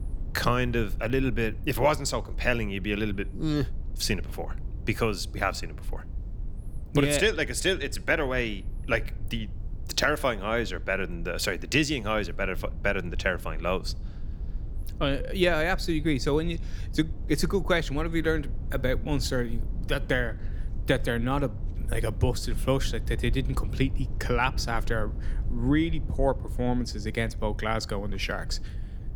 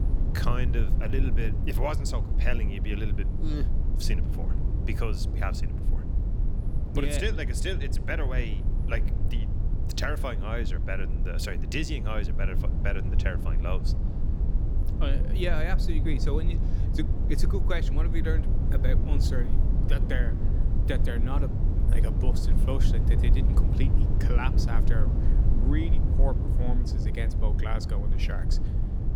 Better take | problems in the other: first | low rumble; loud; throughout; 6 dB below the speech; faint in the first

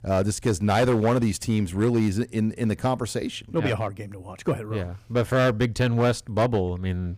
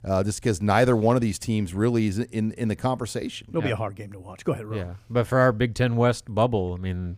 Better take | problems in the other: second | distortion; slight; 6% of the sound clipped

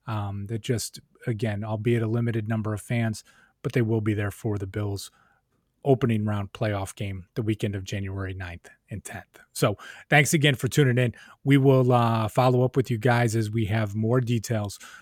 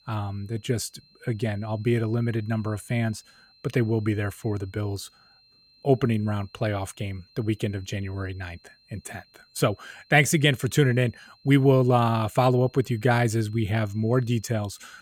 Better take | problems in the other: first | high-pitched whine; faint; throughout; 4 kHz, 30 dB below the speech

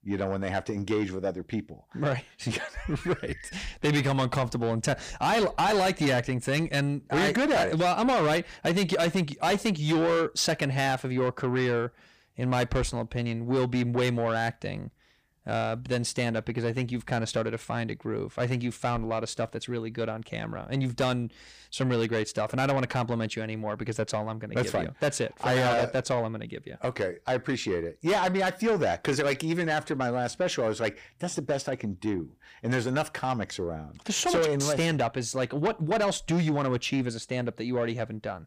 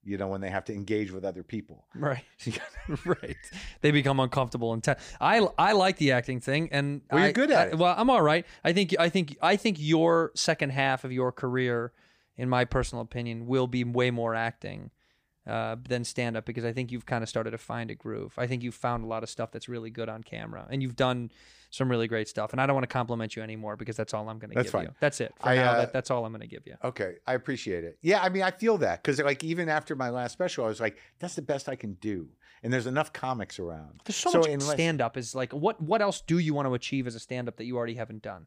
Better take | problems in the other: second | distortion; heavy; 8 dB below the speech

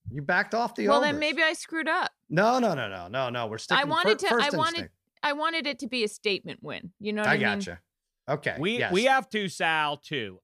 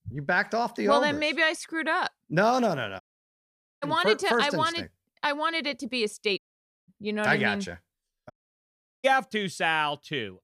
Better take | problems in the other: first | audio cutting out; at 3 s for 1 s, at 6.5 s for 0.5 s and at 8.5 s for 0.5 s

